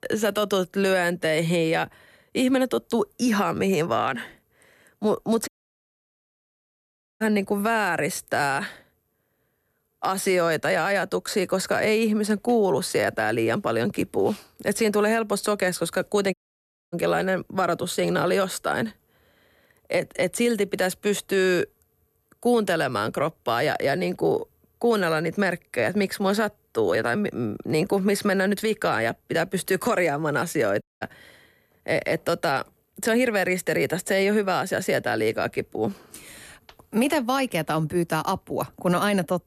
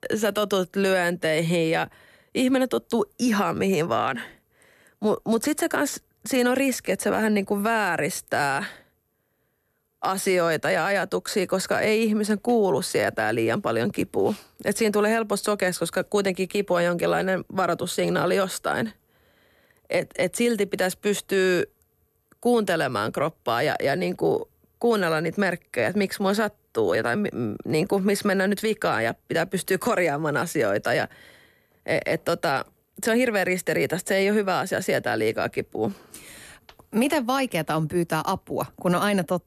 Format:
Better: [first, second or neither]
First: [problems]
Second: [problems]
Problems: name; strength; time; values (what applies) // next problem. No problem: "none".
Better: second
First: audio cutting out; at 5.5 s for 1.5 s, at 16 s for 0.5 s and at 31 s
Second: none